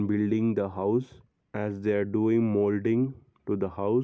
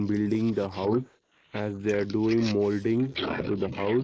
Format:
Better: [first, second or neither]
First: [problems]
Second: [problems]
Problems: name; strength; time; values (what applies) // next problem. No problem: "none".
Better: first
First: none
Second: noise reduction (neural mask model Resemble Enhance denoiser)